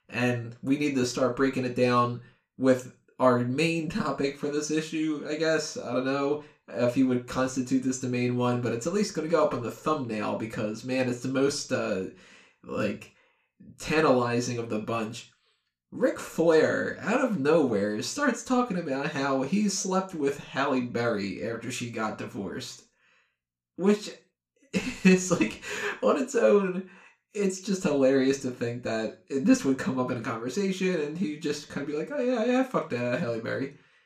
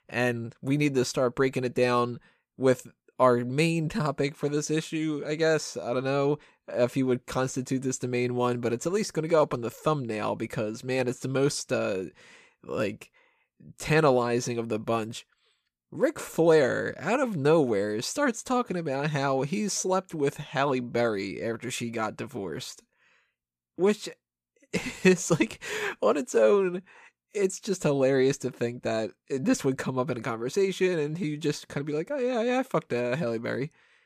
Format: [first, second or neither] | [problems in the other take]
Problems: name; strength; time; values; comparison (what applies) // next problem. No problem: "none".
second | room echo; very slight; dies away in 0.3 s // off-mic speech; somewhat distant